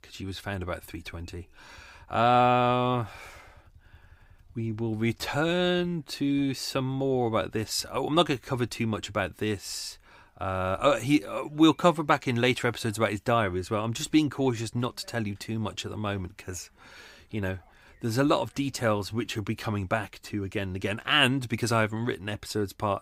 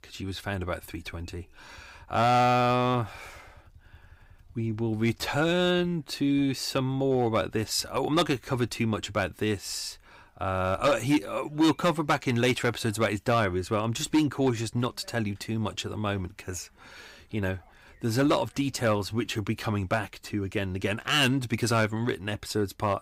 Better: first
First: none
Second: distortion; slight; 3% of the sound clipped

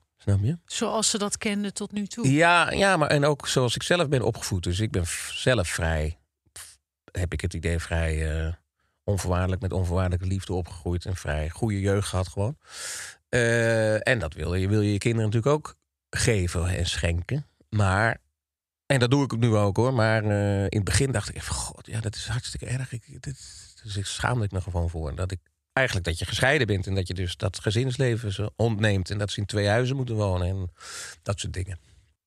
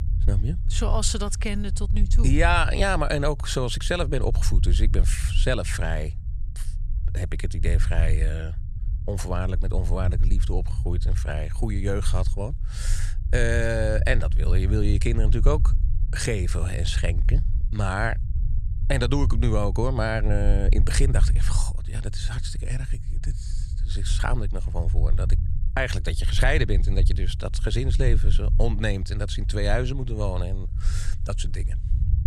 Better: first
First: none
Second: low rumble; noticeable; throughout; 15 dB below the speech

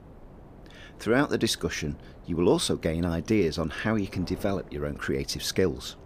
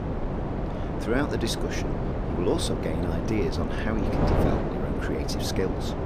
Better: first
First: wind noise on the microphone; occasional gusts; 25 dB below the speech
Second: wind noise on the microphone; heavy; as loud as the speech

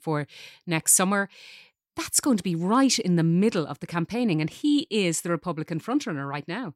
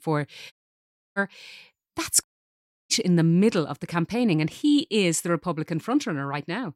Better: first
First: none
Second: audio cutting out; at 0.5 s for 0.5 s and at 2 s for 0.5 s

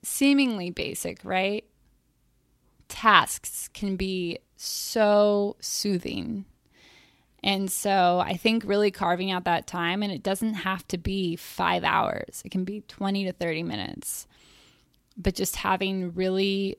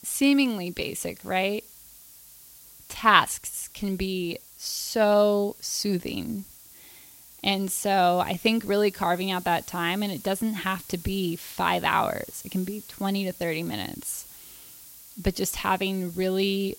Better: first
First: none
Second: hiss; noticeable; throughout; 20 dB below the speech

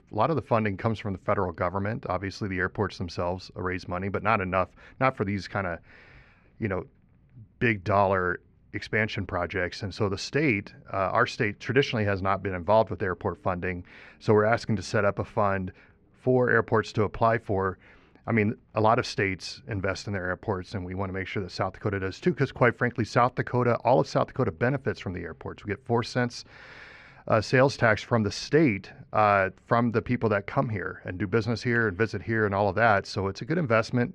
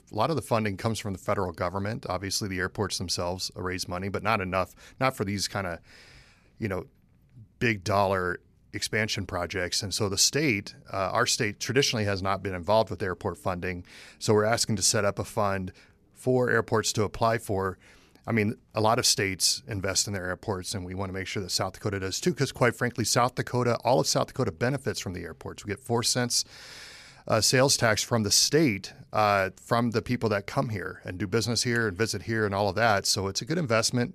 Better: second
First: muffled; very; fading above 2 kHz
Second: none

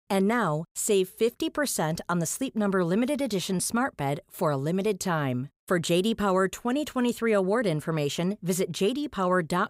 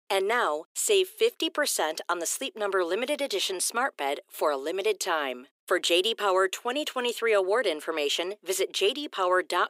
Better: first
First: none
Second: thin; very; fading below 350 Hz

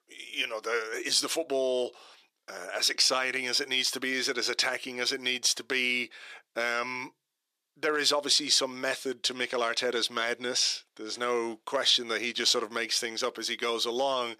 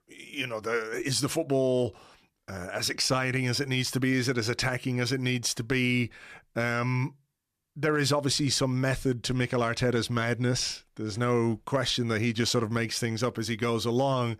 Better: second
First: thin; somewhat; fading below 350 Hz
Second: none

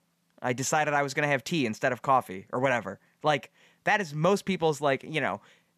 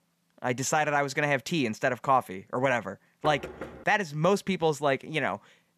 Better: first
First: none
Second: door banging; faint; at 3 s; peak 10 dB below the speech

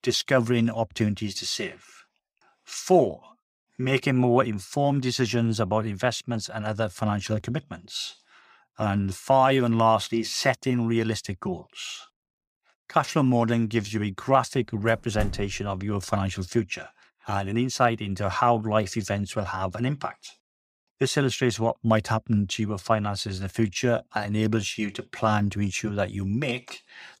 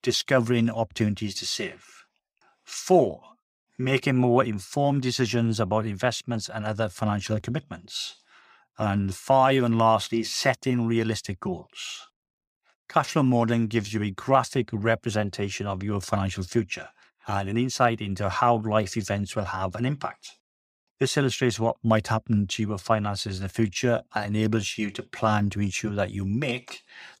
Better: second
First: door banging; noticeable; at 15 s; peak 9 dB below the speech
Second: none

